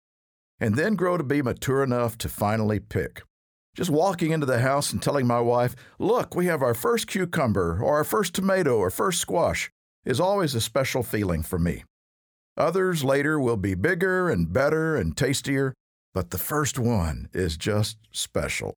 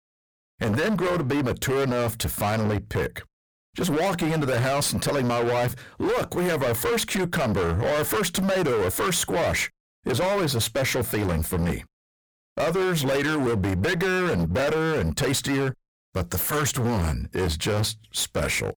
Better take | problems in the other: first | distortion; heavy; 32% of the sound clipped

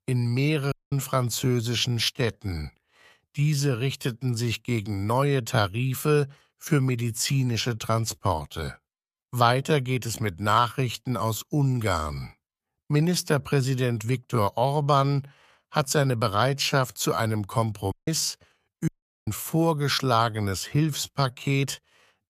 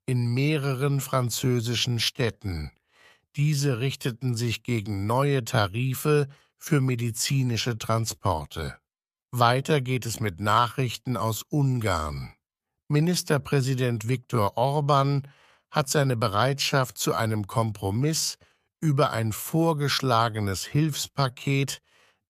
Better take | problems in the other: second | audio cutting out; at 0.5 s, at 18 s and at 19 s

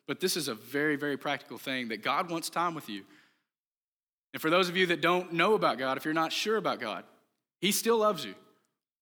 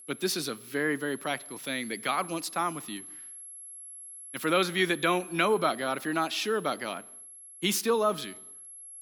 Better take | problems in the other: first | high-pitched whine; noticeable; throughout; 11 kHz, 15 dB below the speech

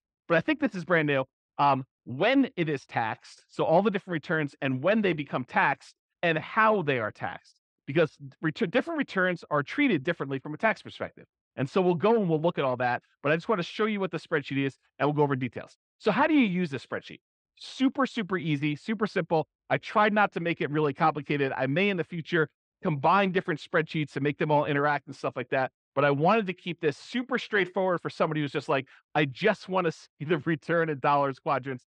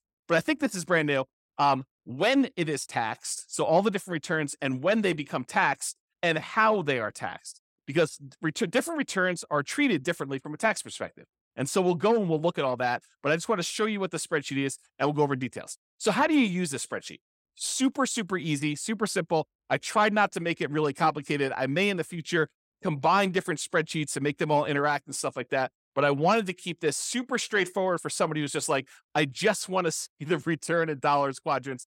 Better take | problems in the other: second | muffled; slightly; fading above 3.5 kHz

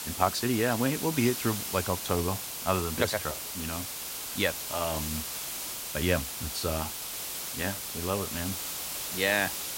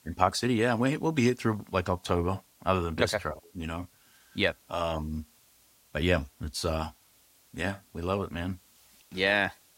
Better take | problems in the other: second | hiss; loud; throughout; 3 dB below the speech; faint in the second

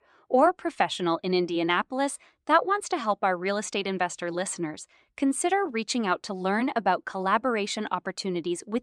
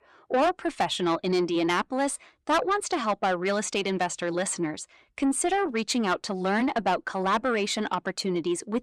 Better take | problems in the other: first | distortion; slight; 10 dB below the speech

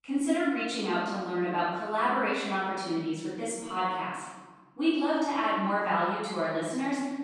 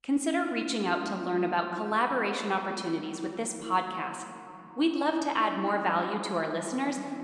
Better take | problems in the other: second | room echo; strong; dies away in 1.2 s; slight in the second // off-mic speech; far

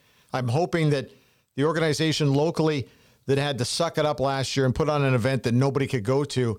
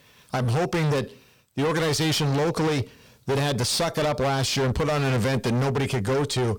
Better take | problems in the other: first | distortion; heavy; 32% of the sound clipped

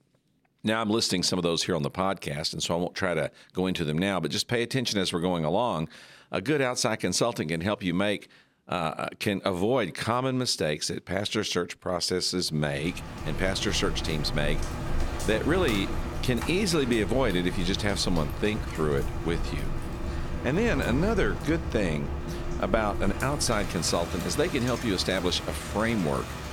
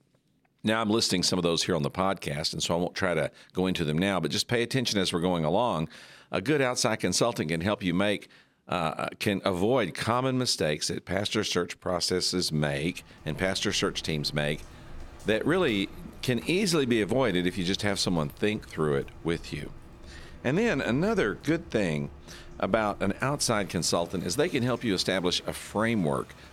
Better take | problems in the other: second | rain or running water; loud; from 13 s on; 7 dB below the speech; faint in the second

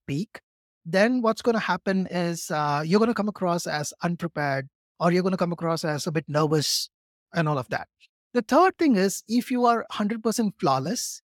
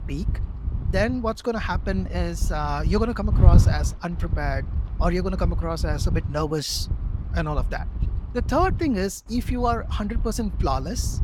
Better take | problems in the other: first | wind noise on the microphone; occasional gusts; 15 dB below the speech

